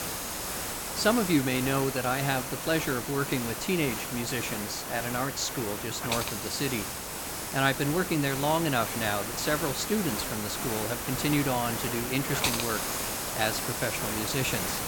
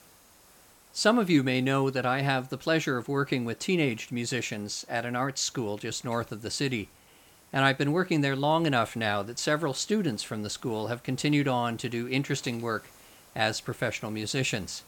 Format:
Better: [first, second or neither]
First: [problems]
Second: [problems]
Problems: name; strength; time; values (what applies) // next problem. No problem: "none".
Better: second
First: hiss; loud; throughout; 2 dB below the speech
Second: hiss; faint; throughout; 25 dB below the speech